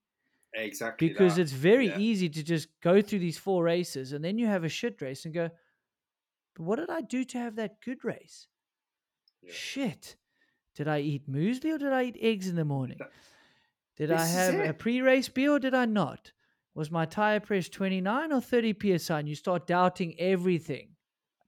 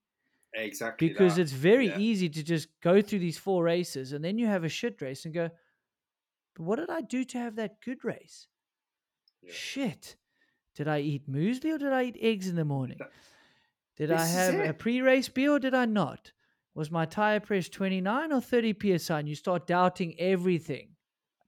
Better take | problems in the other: neither | none

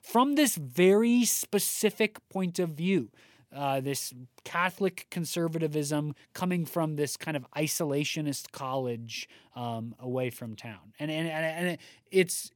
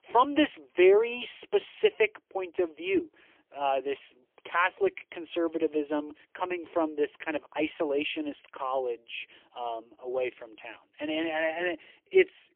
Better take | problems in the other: first | phone-call audio; poor line; nothing above 3 kHz

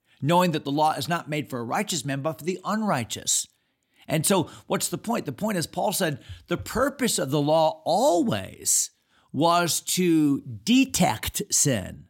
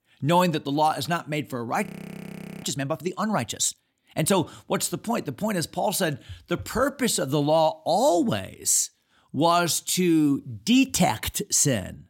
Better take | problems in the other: first | audio freezing; at 2 s for 1 s

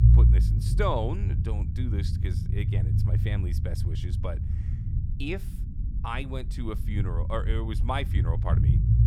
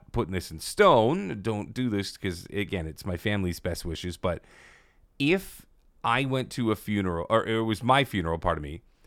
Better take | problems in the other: second | low rumble; loud; throughout; 6 dB below the speech

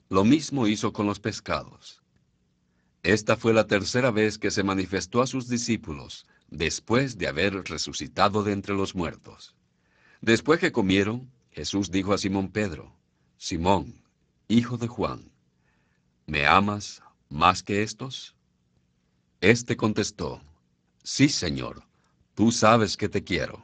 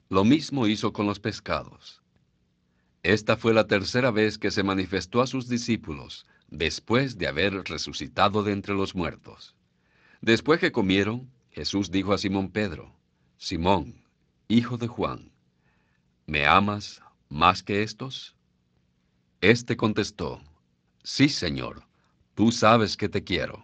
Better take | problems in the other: second | garbled, watery; badly; nothing above 7.5 kHz; slightly in the second

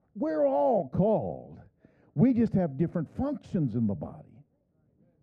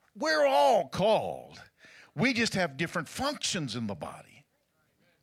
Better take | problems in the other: second | muffled; very; fading above 1 kHz

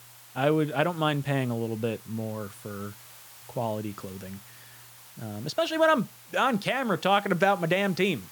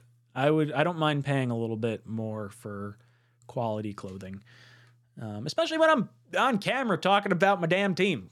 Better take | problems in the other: second | hiss; faint; throughout; 20 dB below the speech

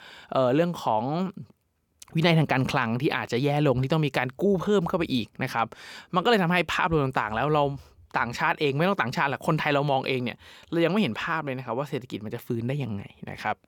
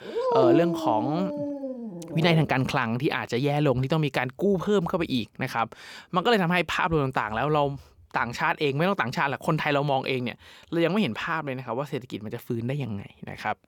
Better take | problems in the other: first | dog barking; loud; until 2.5 s; peak 4 dB above the speech

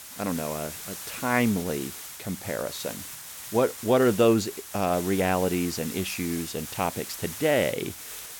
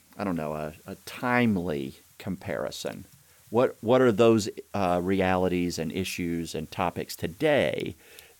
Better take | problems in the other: second | hiss; loud; throughout; 10 dB below the speech; faint in the second

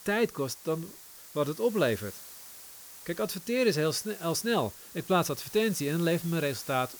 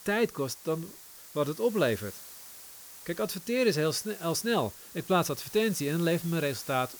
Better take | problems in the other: neither | hiss; noticeable; throughout; 15 dB below the speech; the same in both

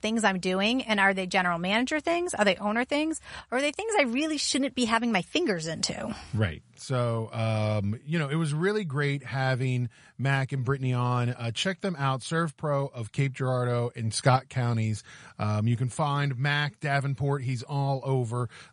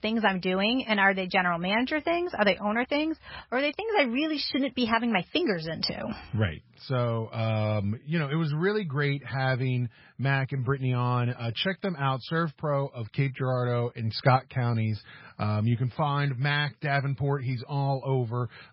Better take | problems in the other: first | garbled, watery; badly; nothing above 5.5 kHz; slightly in the first

